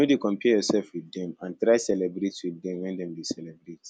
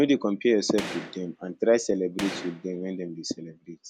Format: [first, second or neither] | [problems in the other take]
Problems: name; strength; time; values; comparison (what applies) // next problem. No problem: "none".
first | background sound (Gunshot, gunfire); 13 dB below the speech